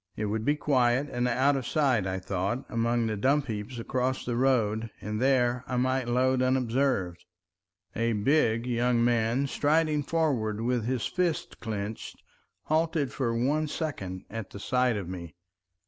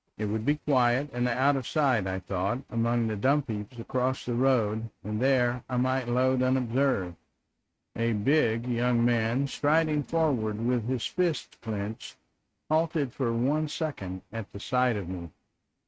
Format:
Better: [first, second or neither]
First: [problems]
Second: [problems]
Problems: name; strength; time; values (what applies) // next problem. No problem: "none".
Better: first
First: none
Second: noise reduction (neural mask model RNNoise)